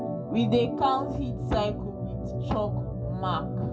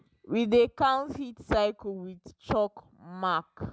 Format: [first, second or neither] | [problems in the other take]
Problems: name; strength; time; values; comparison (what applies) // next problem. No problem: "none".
second | background sound (Organ); 2 dB below the speech // room echo; dies away in 0.2 s